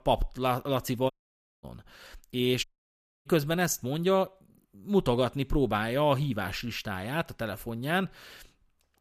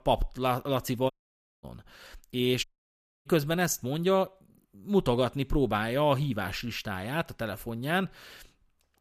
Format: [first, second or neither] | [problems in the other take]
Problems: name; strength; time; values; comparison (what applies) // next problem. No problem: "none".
neither | audio cutting out; at 1 s for 0.5 s and at 2.5 s for 0.5 s; the same in both